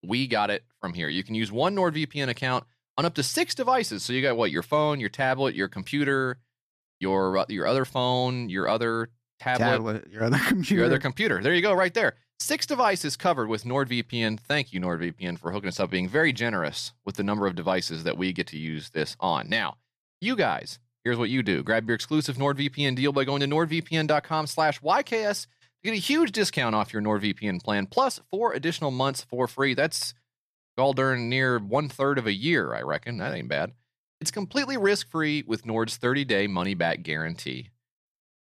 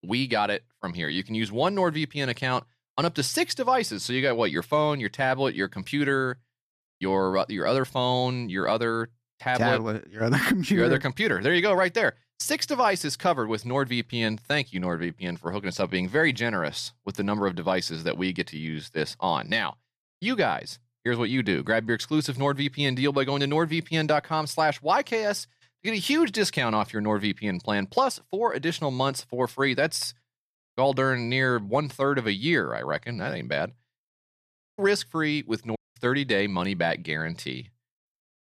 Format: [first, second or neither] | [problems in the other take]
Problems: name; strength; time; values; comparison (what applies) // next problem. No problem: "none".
first | audio cutting out; at 34 s for 0.5 s and at 36 s